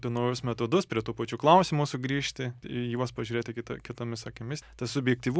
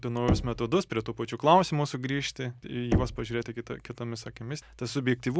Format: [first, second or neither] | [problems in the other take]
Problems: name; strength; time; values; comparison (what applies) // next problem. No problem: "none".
first | background sound (Knock); 6 dB below the speech